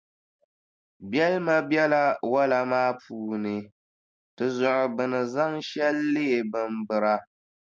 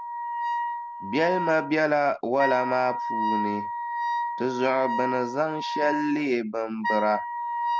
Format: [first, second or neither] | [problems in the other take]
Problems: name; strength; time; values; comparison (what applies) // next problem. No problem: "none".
first | background sound (Wind instrument, woodwind instrument); 3 dB below the speech